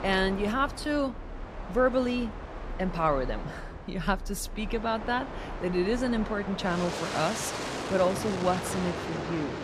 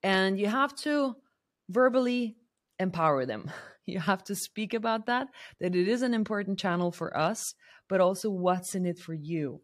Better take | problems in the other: second | train or aircraft noise; loud; throughout; 7 dB below the speech

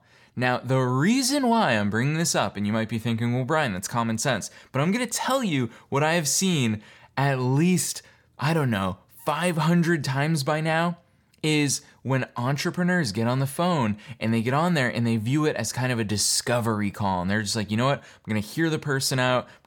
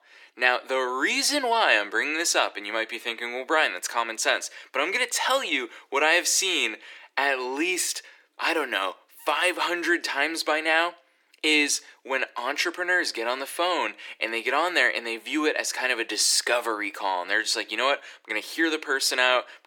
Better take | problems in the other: first | thin; very; fading below 300 Hz

